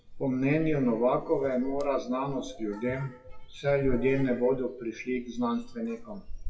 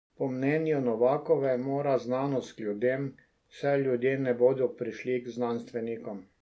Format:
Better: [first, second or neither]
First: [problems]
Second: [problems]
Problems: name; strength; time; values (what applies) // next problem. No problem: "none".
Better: second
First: noise reduction (classical method WPE with log-MMSE)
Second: none